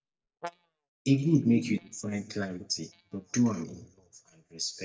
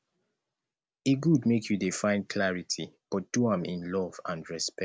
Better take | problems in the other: second | noise reduction (neural mask model DeepFilterNet 3)

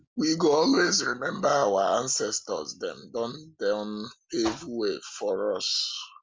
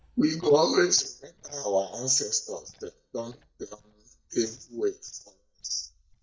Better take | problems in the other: first | noise reduction (neural mask model DeepFilterNet 3)

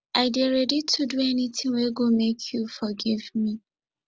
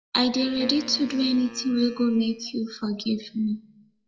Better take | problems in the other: first | noise reduction (classical method WPE with log-MMSE)

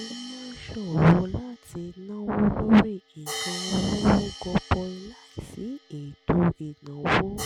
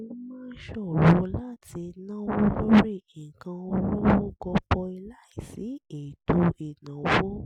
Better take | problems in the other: second | background sound (Hi-hat); 16 dB below the speech

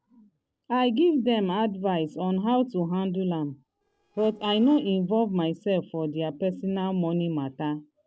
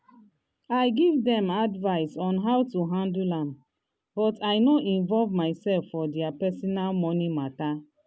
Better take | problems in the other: second | noise reduction (neural separator model SepFormer DNS4)

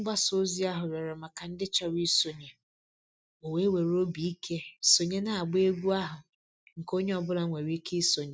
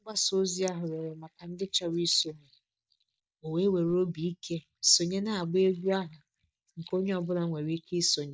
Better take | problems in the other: first | noise reduction (neural mask model DeepFilterNet 3)

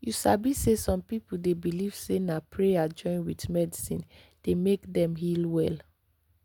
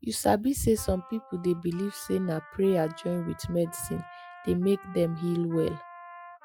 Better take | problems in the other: first | noise reduction (classical method Wiener filter)

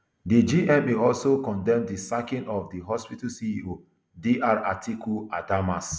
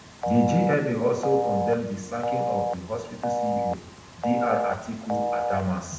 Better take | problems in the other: first | background sound (Telephone); 1 dB below the speech // room echo; dies away in 0.7 s

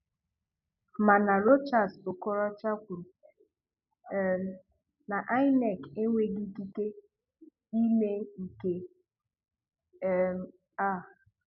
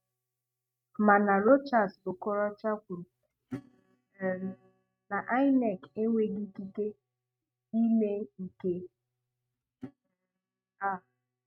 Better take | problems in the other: first | noise reduction (neural mask model RNNoise)

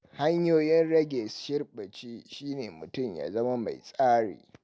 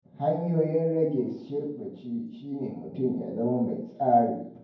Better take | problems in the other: first | room echo; dies away in 0.9 s

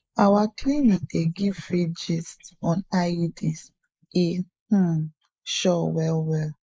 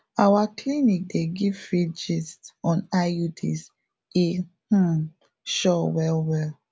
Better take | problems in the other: second | noise reduction (neural mask model Resemble Enhance denoiser)

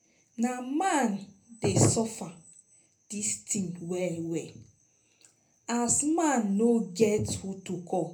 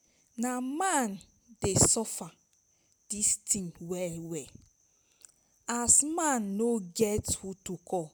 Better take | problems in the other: second | room echo; dies away in 0.3 s

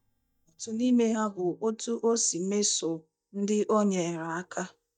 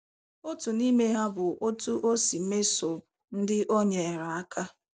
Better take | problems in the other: second | noise reduction (neural mask model DeepFilterNet 3)

